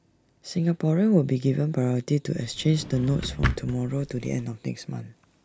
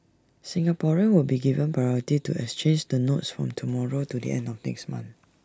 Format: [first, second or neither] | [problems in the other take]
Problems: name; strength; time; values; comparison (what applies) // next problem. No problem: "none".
second | background sound (Drawer open or close); 8 dB below the speech